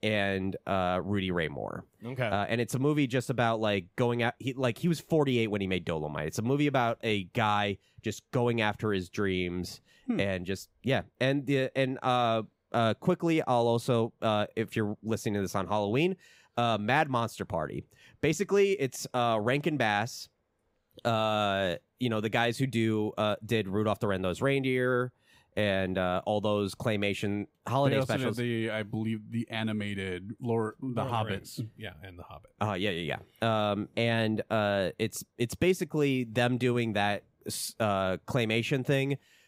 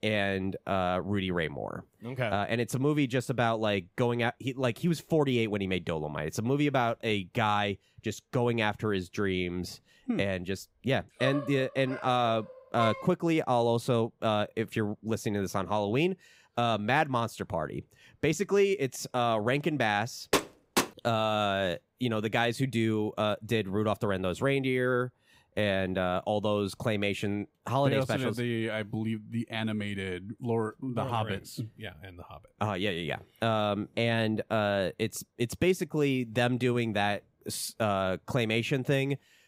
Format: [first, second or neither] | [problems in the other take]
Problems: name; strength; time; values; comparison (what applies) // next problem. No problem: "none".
first | dog barking; noticeable; from 11 to 13 s; peak 5 dB below the speech // door banging; loud; at 20 s; peak level with the speech